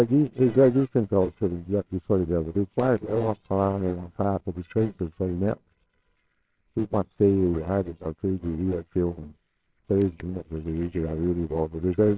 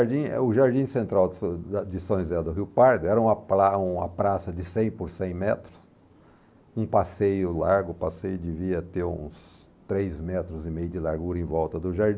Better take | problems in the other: second | noise reduction (neural separator model SepFormer WHAMR!)

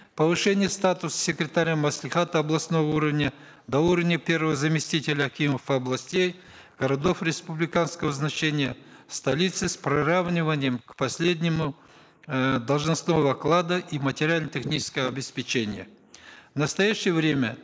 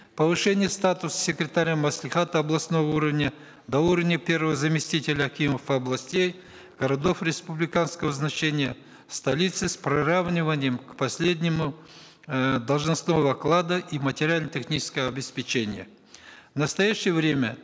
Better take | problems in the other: second | noise reduction (neural mask model Resemble Enhance denoiser)

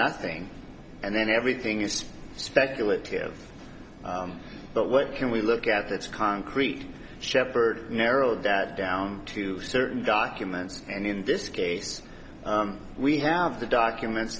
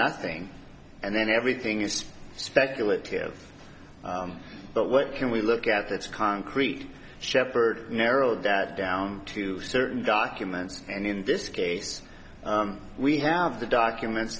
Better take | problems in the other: second | background sound (Fixed-wing aircraft, airplane + Engine); 19 dB below the speech

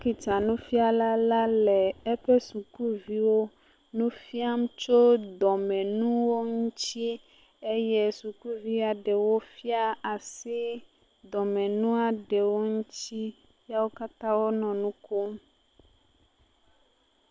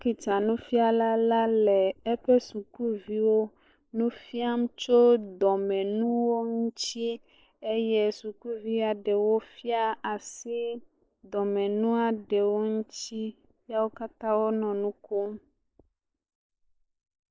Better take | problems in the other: first | noise reduction (neural mask model Resemble Enhance denoiser)

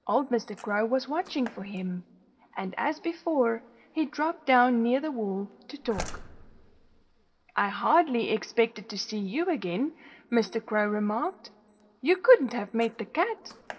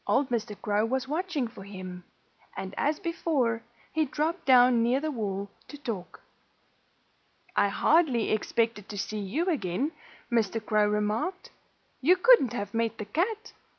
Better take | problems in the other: second | noise reduction (neural separator model SepFormer DNS4)

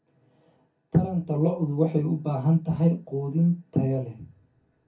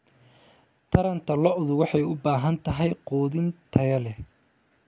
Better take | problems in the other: second | room echo; dies away in 0.3 s

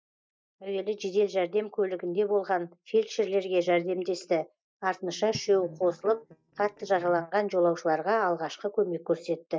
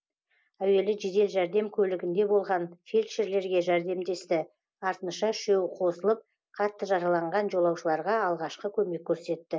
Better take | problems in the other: second | noise reduction (neural mask model DeepFilterNet 3)

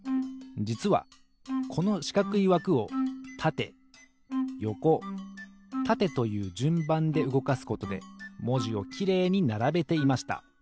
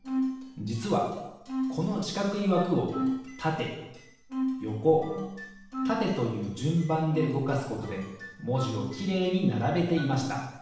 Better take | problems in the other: first | room echo; dies away in 0.9 s

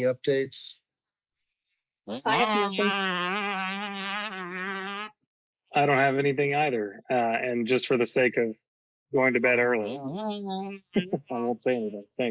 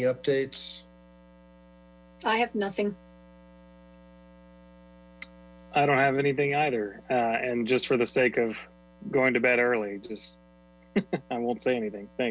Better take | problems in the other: second | noise reduction (neural mask model Resemble Enhance denoiser)

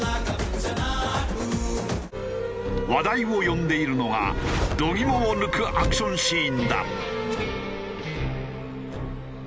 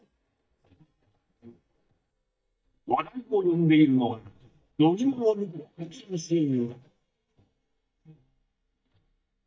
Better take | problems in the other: first | noise reduction (neural mask model DeepFilterNet 3)

